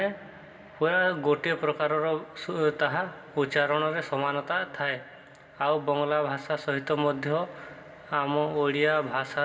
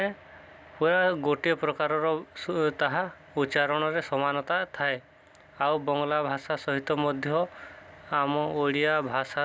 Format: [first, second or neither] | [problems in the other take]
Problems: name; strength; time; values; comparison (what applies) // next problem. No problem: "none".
second | room echo; dies away in 2 s